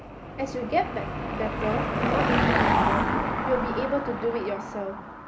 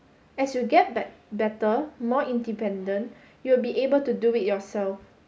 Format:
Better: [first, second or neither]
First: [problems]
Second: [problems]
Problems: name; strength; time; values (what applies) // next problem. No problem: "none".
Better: second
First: background sound (Car passing by / Engine); 4 dB above the speech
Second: none